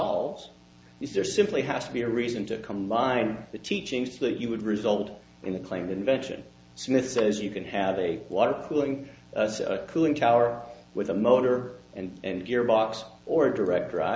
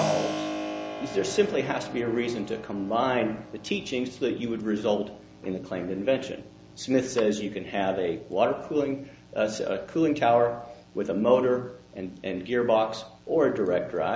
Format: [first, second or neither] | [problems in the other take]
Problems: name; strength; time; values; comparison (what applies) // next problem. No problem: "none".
first | background sound (Keyboard (musical)); 14 dB below the speech